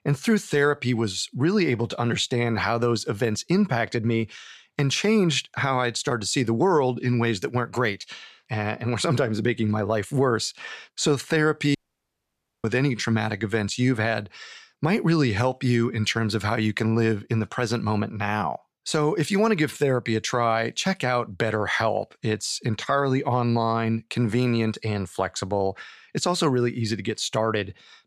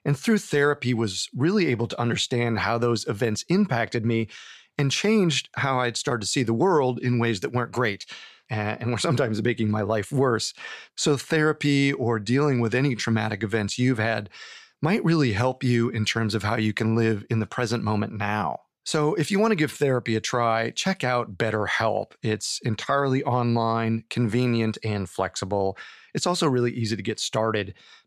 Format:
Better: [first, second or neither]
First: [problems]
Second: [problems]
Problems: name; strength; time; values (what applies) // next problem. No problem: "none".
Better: second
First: audio cutting out; at 12 s for 1 s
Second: none